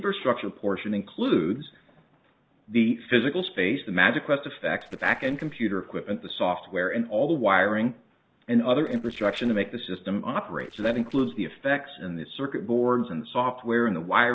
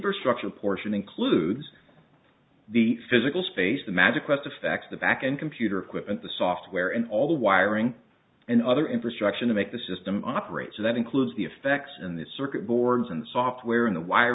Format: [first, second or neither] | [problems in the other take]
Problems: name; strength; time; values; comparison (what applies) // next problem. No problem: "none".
second | noise reduction (neural separator model SepFormer DNS4)